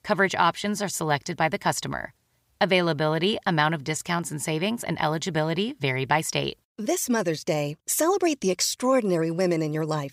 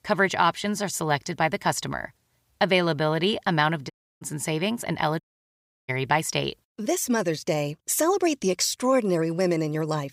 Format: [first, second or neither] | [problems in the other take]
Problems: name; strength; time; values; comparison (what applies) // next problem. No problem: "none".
first | audio cutting out; at 4 s and at 5 s for 0.5 s